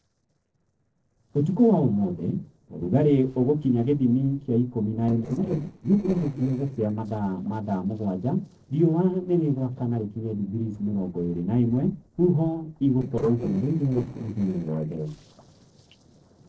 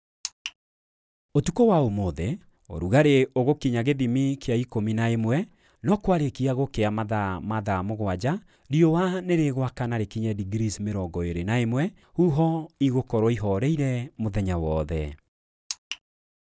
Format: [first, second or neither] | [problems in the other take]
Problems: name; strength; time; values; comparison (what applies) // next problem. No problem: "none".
second | noise reduction (neural separator model SepFormer DNS4)